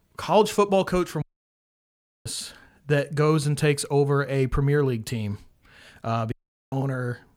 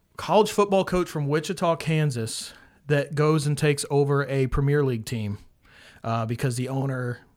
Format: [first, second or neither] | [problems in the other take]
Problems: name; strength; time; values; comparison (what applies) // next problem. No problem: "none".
second | audio cutting out; at 1 s for 1 s and at 6.5 s